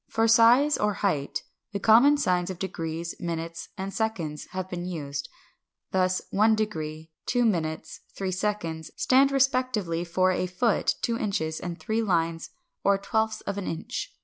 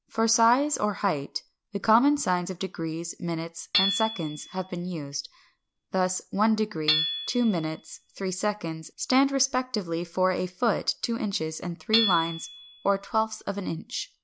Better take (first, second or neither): first